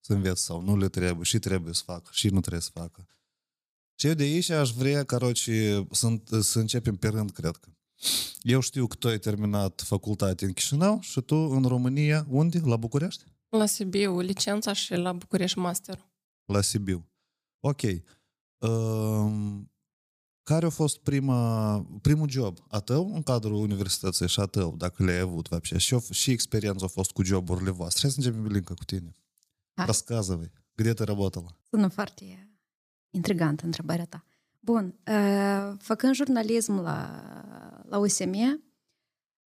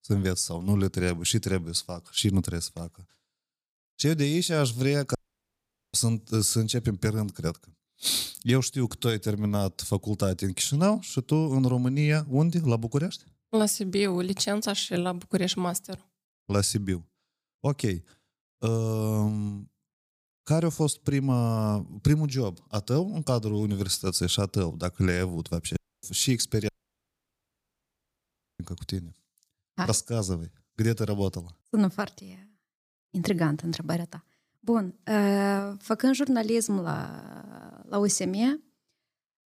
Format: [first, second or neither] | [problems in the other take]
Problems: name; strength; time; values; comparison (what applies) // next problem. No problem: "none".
first | audio cutting out; at 5 s for 1 s, at 26 s and at 27 s for 2 s